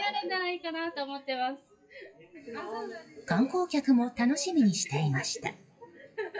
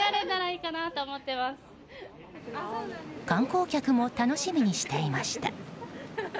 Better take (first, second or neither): second